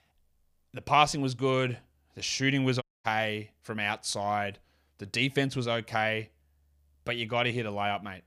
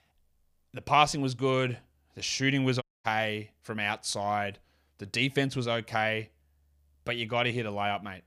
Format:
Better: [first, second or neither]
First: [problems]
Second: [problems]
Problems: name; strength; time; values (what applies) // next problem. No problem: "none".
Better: neither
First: audio cutting out; at 3 s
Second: audio cutting out; at 3 s